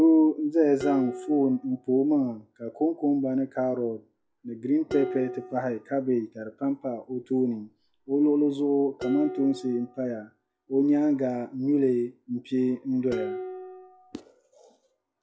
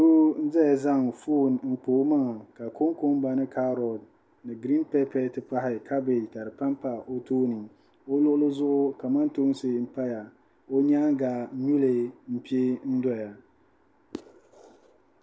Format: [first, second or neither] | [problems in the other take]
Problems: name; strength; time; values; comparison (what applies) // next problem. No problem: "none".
second | noise reduction (classical method log-MMSE)